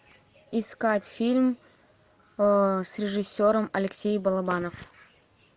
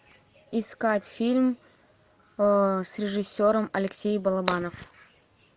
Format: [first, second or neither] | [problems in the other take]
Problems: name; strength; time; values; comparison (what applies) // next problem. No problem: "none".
first | background sound (Shatter); 11 dB below the speech